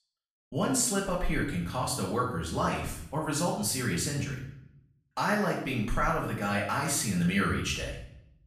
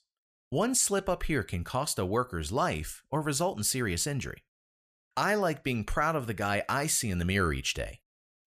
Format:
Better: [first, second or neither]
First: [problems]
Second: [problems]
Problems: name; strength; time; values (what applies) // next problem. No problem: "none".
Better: second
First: room echo; noticeable; dies away in 0.6 s // off-mic speech; far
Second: none